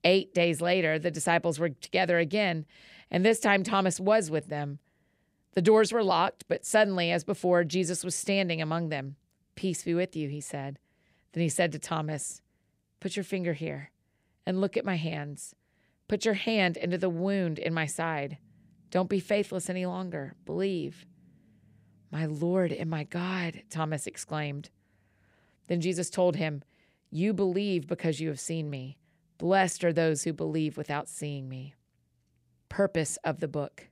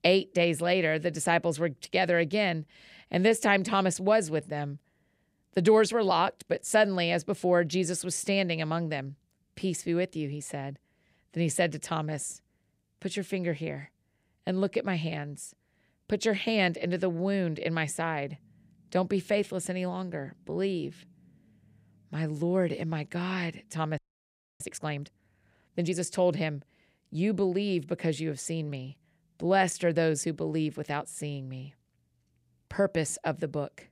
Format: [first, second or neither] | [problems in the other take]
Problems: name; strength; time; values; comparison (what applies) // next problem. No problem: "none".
first | audio freezing; at 24 s for 0.5 s